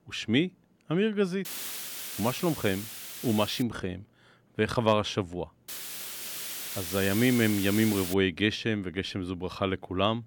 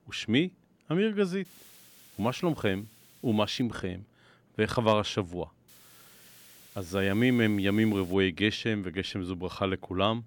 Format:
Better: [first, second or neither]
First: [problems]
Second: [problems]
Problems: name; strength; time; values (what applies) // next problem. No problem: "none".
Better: second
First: hiss; loud; from 1.5 to 3.5 s and from 5.5 to 8 s; 7 dB below the speech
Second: hiss; faint; from 1.5 to 3.5 s and from 5.5 to 8 s; 25 dB below the speech